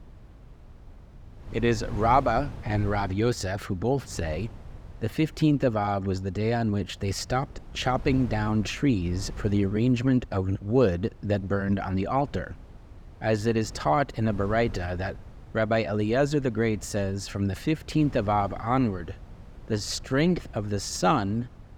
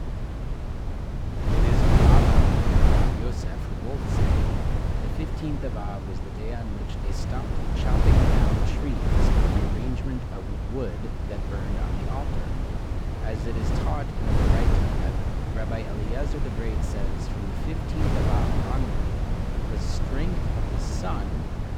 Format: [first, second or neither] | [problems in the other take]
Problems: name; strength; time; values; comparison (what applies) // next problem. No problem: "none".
first | wind noise on the microphone; heavy; 4 dB above the speech; occasional gusts in the first